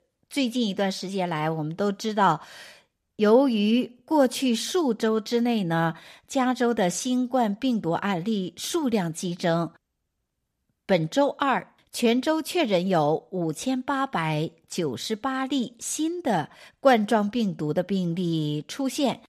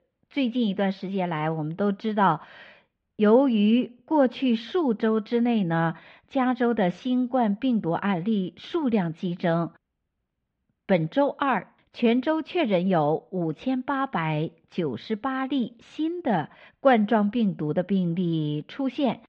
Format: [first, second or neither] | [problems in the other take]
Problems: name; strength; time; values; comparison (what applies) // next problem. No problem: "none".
first | muffled; very; fading above 3 kHz